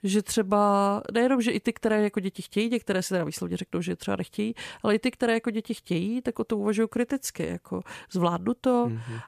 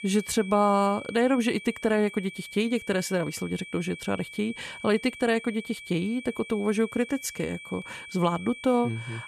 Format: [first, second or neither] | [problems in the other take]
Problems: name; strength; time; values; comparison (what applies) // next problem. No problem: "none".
first | high-pitched whine; noticeable; throughout; 2.5 kHz, 15 dB below the speech